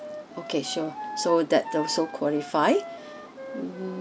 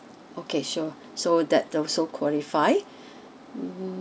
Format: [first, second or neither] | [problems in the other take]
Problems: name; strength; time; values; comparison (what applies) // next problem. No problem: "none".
second | background sound (Wind instrument, woodwind instrument); 12 dB below the speech